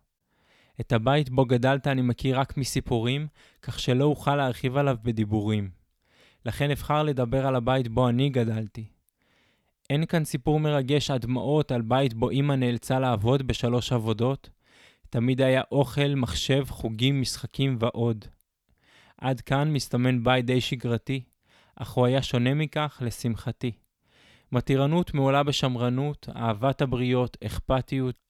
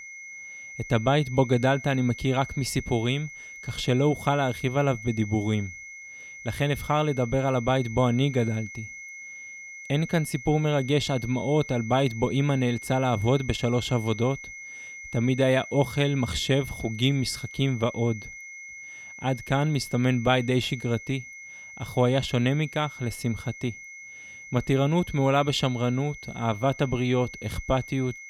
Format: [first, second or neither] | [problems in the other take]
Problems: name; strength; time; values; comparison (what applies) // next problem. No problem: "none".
first | high-pitched whine; noticeable; throughout; 2 kHz, 15 dB below the speech